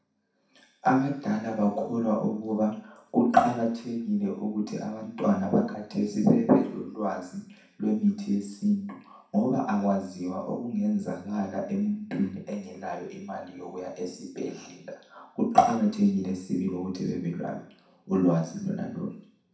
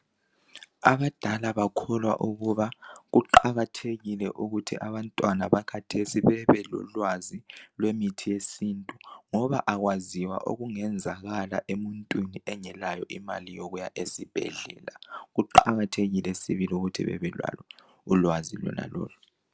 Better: second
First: room echo; dies away in 0.6 s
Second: none

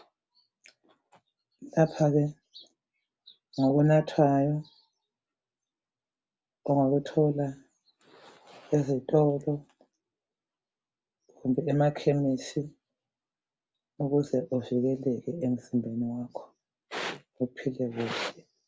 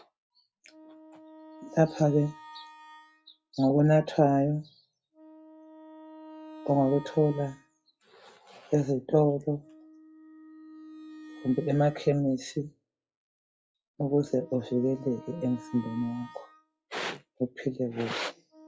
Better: first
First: none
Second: noise reduction (classical method log-MMSE)

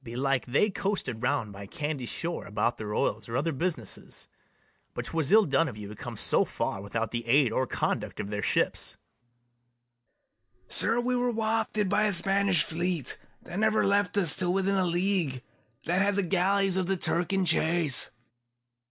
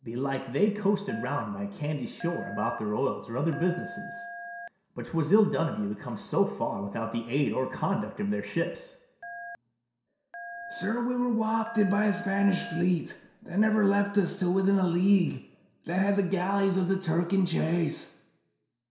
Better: first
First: none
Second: background sound (Telephone); 14 dB below the speech // room echo; dies away in 0.7 s

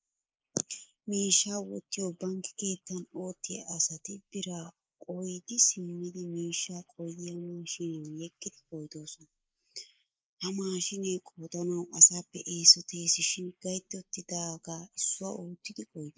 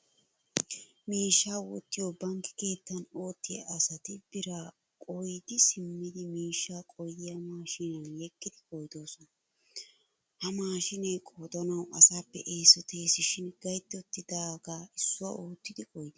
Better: second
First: noise reduction (neural mask model Resemble Enhance denoiser)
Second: none

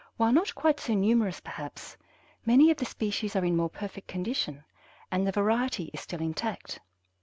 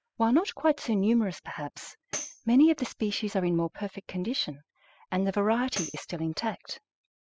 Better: first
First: none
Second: noise reduction (classical method spectral subtraction)

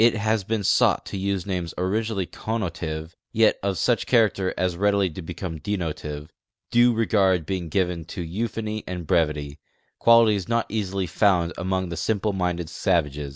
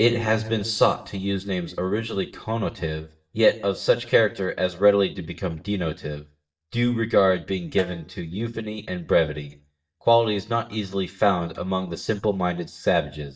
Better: first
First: none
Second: noise reduction (neural mask model DeepFilterNet 3)

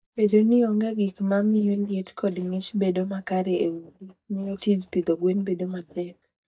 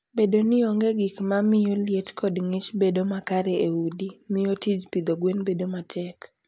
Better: second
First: noise reduction (neural mask model DeepFilterNet 3)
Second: none

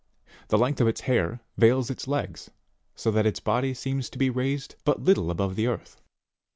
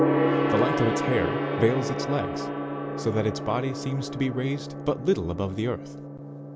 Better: first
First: none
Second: background sound (Gong); as loud as the speech

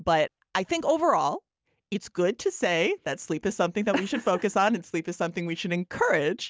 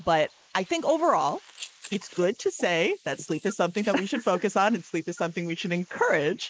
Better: first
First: none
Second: noise reduction (neural mask model Resemble Enhance denoiser)

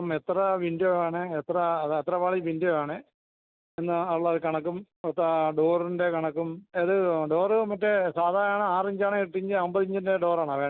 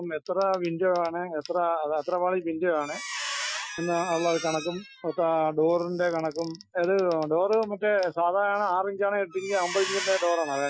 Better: first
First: none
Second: noise reduction (classical method Wiener filter)

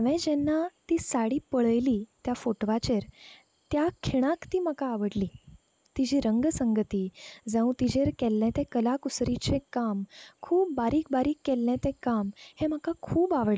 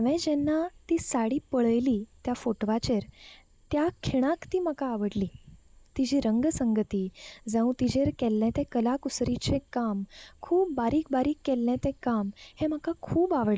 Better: first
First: none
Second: noise reduction (neural mask model Resemble Enhance denoiser)

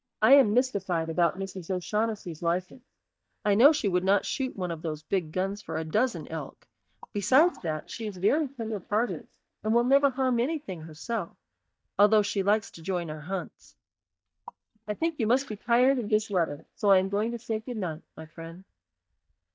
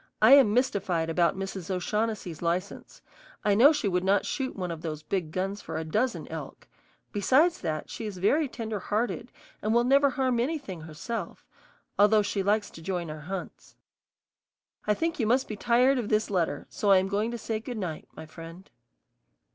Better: second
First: noise reduction (neural mask model DeepFilterNet 3)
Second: none

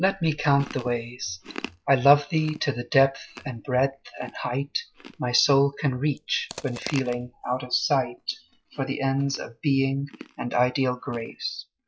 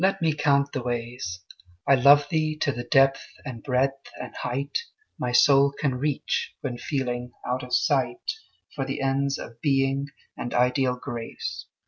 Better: second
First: noise reduction (classical method log-MMSE)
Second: none

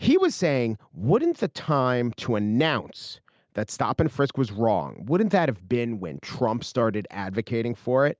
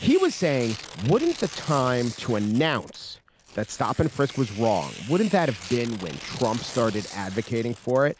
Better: first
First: none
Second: background sound (Tearing); 16 dB below the speech

